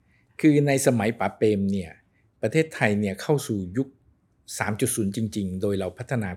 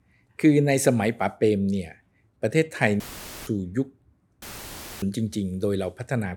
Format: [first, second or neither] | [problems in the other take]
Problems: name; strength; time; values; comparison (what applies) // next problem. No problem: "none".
first | audio cutting out; filled with static; at 3 s and at 4.5 s for 0.5 s